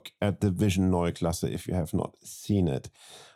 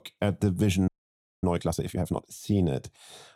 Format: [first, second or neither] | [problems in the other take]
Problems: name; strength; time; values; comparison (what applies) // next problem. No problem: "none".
first | audio freezing; at 1 s for 0.5 s